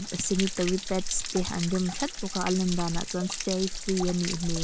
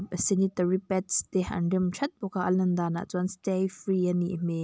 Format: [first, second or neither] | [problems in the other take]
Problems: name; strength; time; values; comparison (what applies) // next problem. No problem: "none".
second | background sound (Stream / Trickle, dribble / Splash, splatter); 4 dB below the speech